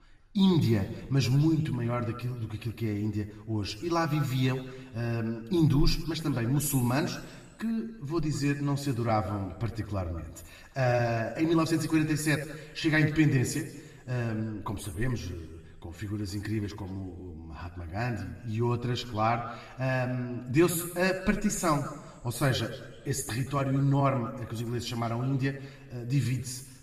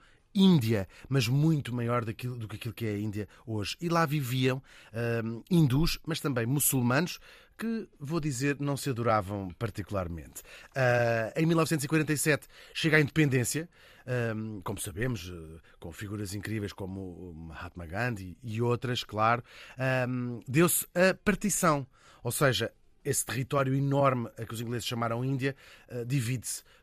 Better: second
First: room echo; slight; dies away in 1 s // off-mic speech; somewhat distant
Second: none

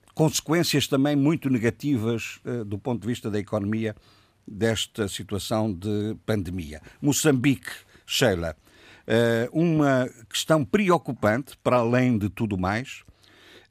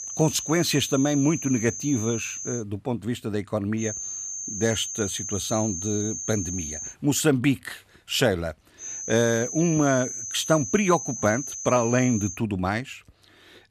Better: first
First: none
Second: high-pitched whine; loud; until 2.5 s, from 4 to 7 s and from 9 to 12 s; 6.5 kHz, 6 dB below the speech

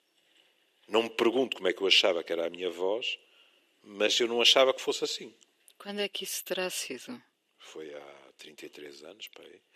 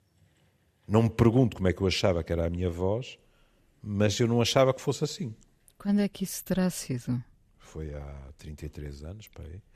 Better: second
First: thin; somewhat; fading below 350 Hz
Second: none

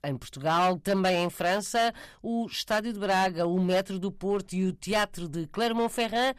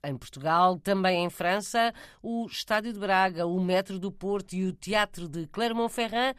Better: second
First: distortion; slight; 6% of the sound clipped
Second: none

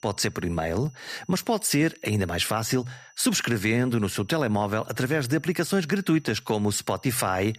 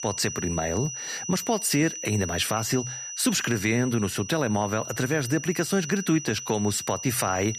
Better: first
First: high-pitched whine; faint; throughout; 6 kHz, 30 dB below the speech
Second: high-pitched whine; loud; throughout; 6 kHz, 8 dB below the speech

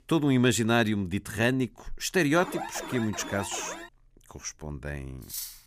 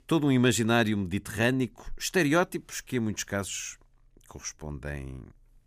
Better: second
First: alarm; noticeable; from 2.5 to 4 s; peak 9 dB below the speech // clattering dishes; noticeable; at 5 s; peak 8 dB below the speech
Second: none

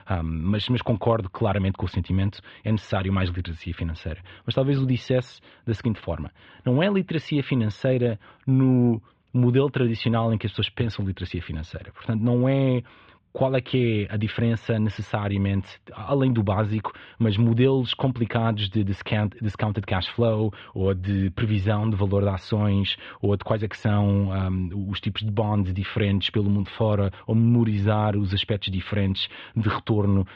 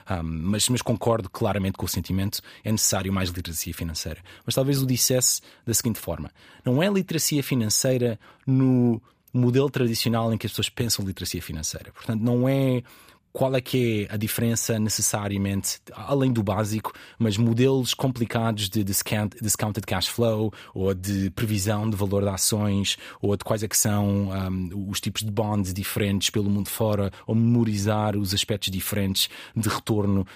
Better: second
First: muffled; very; fading above 3.5 kHz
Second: none

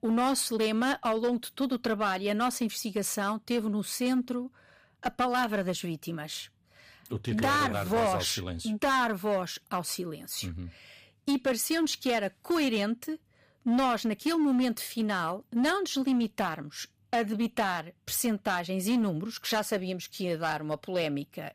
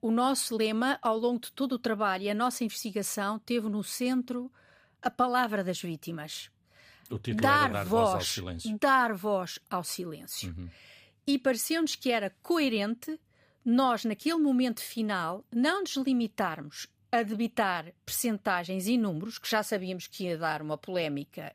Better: second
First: distortion; slight; 7% of the sound clipped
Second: none

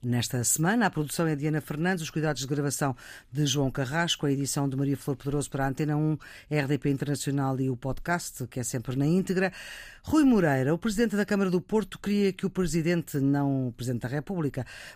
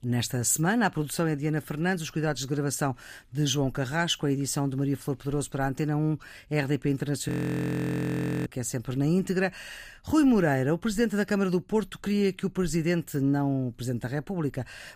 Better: first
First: none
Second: audio freezing; at 7.5 s for 1 s

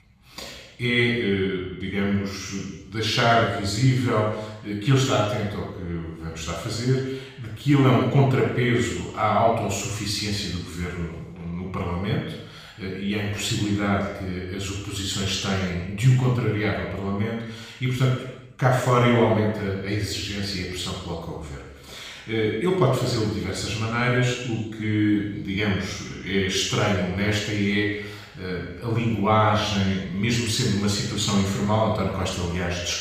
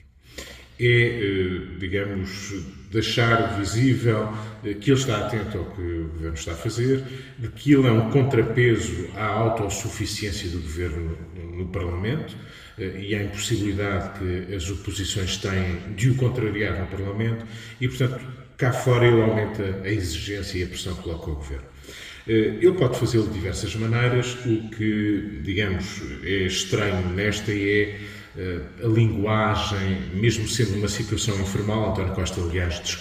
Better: second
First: room echo; strong; dies away in 0.9 s // off-mic speech; far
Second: room echo; slight; dies away in 1.2 s // off-mic speech; somewhat distant

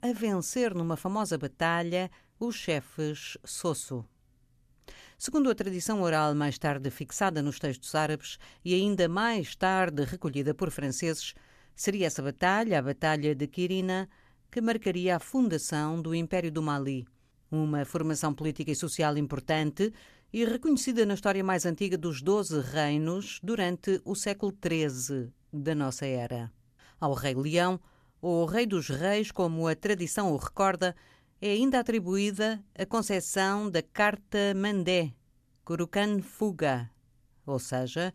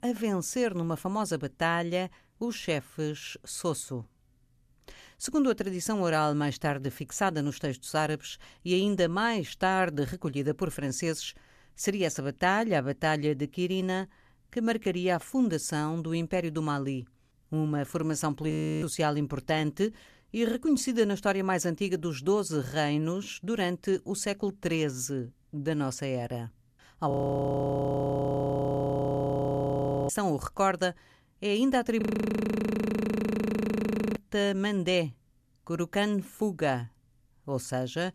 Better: first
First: none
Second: audio freezing; at 19 s, at 27 s for 3 s and at 32 s for 2 s

